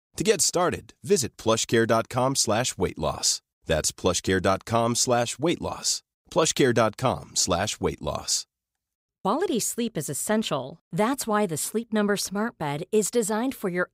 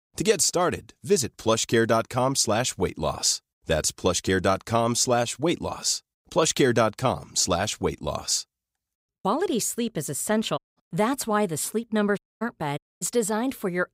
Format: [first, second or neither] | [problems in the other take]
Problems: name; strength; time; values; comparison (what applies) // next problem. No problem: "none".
first | audio cutting out; at 11 s, at 12 s and at 13 s